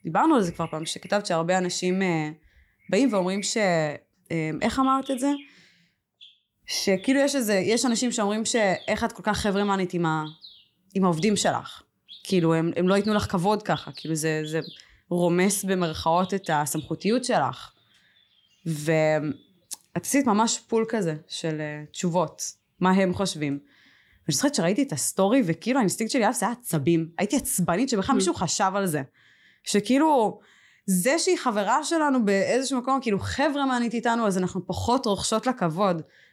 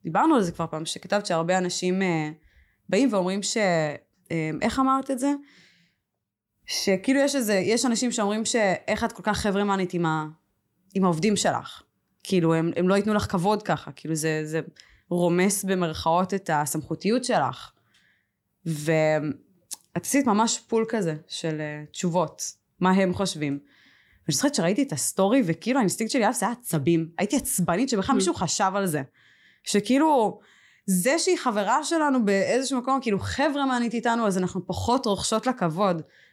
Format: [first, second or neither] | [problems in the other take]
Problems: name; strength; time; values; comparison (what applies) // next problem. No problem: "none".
second | animal sounds; faint; throughout; 20 dB below the speech